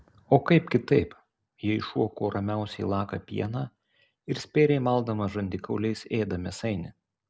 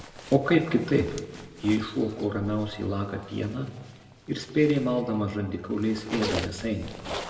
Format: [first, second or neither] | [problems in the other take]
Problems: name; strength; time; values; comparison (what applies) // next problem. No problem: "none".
first | background sound (Zipper (clothing)); 13 dB below the speech // room echo; dies away in 1.4 s